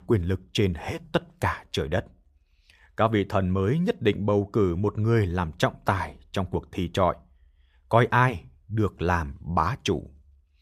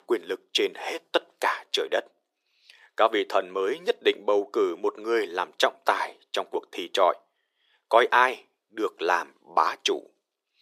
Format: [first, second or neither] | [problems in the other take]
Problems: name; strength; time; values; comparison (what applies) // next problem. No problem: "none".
first | thin; very; fading below 350 Hz